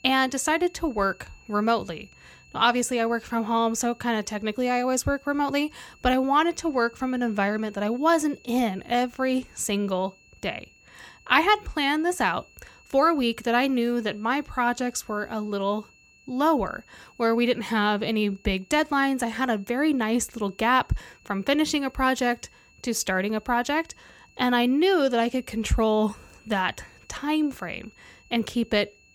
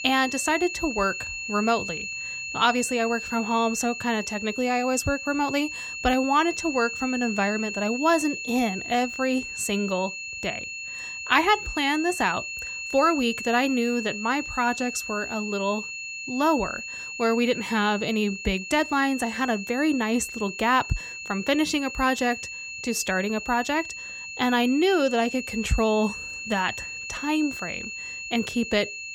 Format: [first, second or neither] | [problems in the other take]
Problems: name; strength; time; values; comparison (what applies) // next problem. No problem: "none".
first | high-pitched whine; loud; throughout; 2.5 kHz, 7 dB below the speech; faint in the first